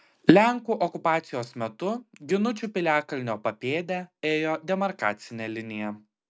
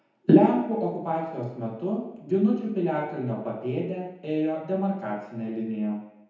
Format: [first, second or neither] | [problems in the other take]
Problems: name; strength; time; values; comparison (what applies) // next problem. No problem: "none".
first | room echo; dies away in 1 s